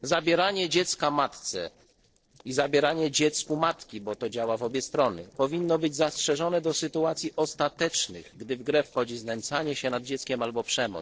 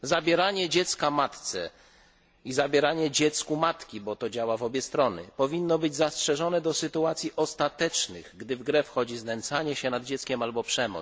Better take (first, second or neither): second